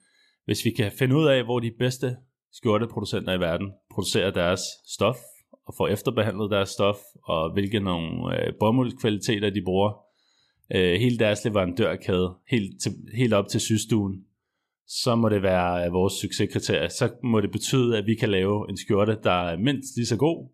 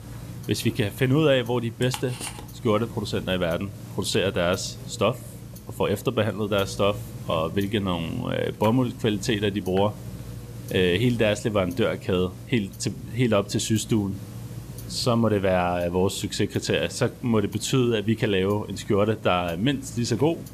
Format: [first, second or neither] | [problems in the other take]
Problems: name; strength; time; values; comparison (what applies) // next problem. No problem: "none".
first | household noises; noticeable; throughout; 15 dB below the speech